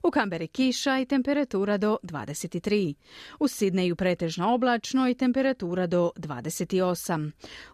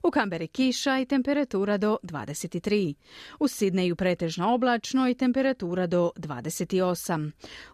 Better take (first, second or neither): neither